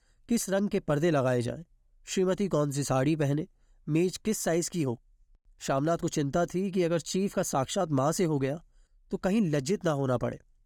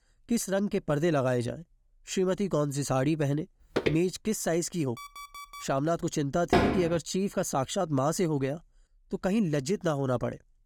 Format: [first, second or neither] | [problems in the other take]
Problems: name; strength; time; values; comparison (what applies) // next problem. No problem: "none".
first | footsteps; noticeable; at 4 s; peak 2 dB below the speech // alarm; faint; at 5 s; peak 15 dB below the speech // door banging; loud; at 6.5 s; peak 3 dB above the speech